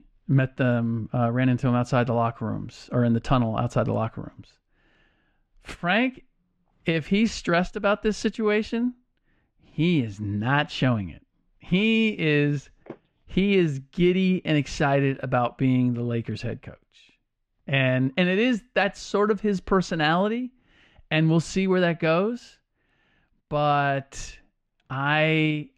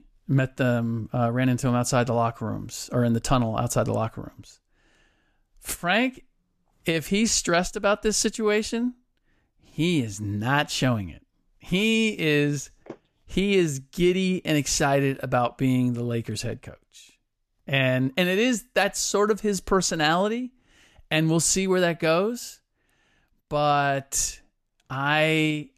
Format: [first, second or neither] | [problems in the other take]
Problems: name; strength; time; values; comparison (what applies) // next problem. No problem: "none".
second | muffled; slightly; fading above 3 kHz